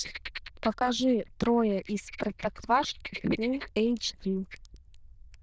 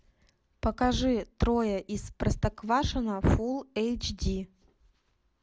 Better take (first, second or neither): second